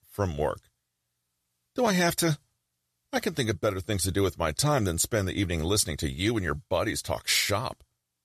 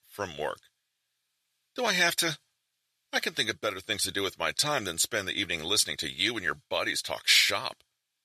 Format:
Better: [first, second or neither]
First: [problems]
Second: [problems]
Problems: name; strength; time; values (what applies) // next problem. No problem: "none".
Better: first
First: none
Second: thin; somewhat; fading below 500 Hz